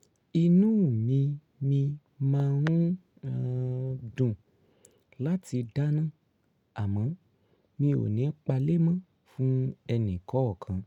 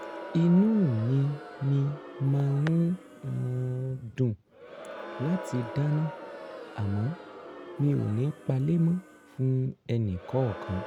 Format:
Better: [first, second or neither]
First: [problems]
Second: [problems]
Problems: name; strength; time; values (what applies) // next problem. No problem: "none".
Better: first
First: none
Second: background sound (Crowd); 15 dB below the speech